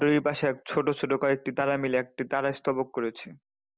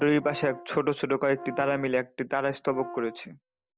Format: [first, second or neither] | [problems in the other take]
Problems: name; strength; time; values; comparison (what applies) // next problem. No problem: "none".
first | background sound (Brass instrument); 16 dB below the speech